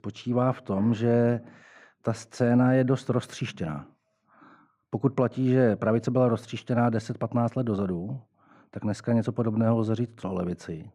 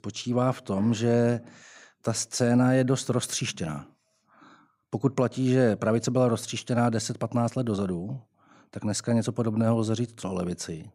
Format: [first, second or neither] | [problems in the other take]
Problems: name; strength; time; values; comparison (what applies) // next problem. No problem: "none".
second | muffled; slightly; fading above 3.5 kHz